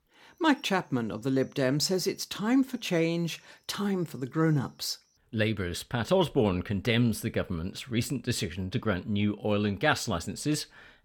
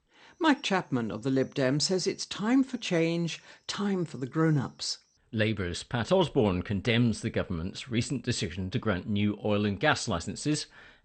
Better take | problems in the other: first | garbled, watery; slightly; nothing above 8.5 kHz

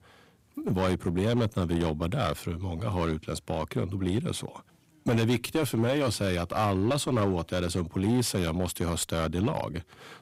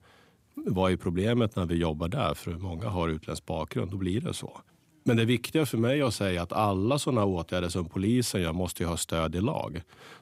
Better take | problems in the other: second | distortion; slight; 10% of the sound clipped

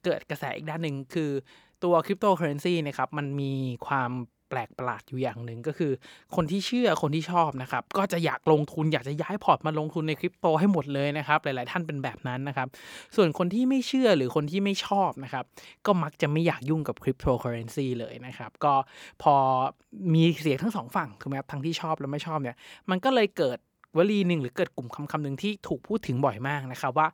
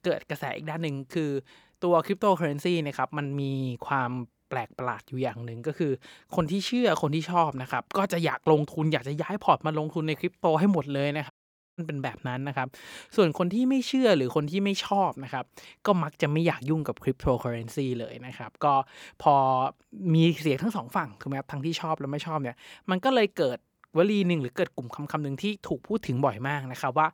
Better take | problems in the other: first | audio cutting out; at 11 s

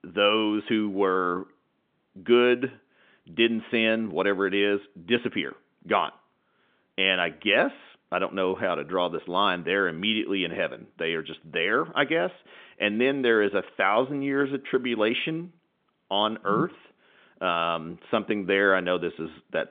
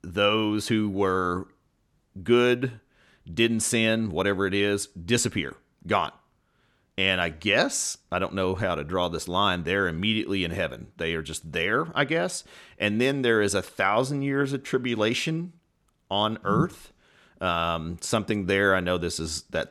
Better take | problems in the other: second | phone-call audio; nothing above 3.5 kHz

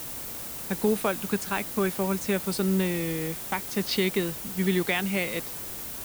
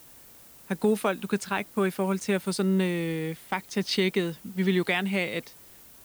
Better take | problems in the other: second | hiss; loud; throughout; 6 dB below the speech; faint in the second

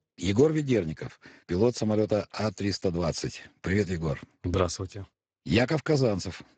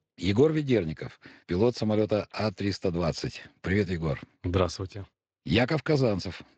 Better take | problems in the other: second | garbled, watery; badly; nothing above 7.5 kHz; slightly in the second

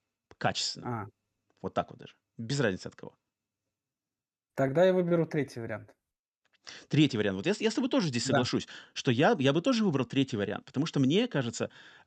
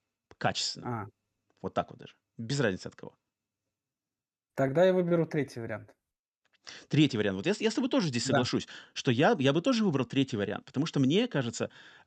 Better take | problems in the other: neither | none

